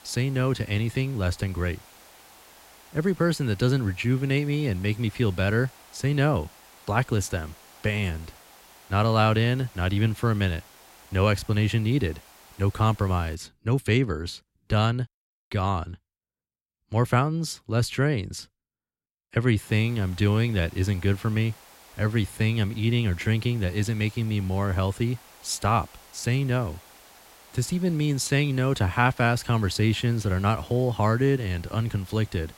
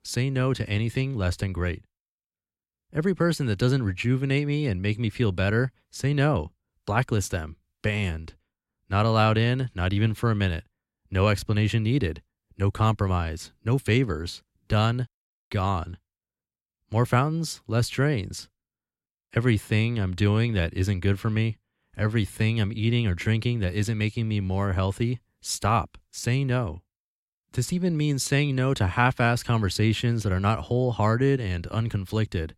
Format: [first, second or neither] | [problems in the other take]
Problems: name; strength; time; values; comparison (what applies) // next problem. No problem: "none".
second | hiss; faint; until 13 s and from 20 s on; 25 dB below the speech